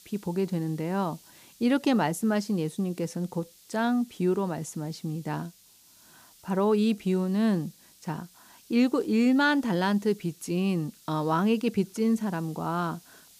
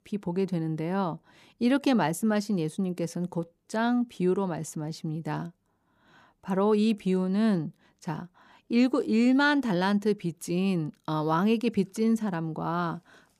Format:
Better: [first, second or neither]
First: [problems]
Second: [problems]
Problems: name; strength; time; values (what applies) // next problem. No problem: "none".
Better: second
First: hiss; faint; throughout; 25 dB below the speech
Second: none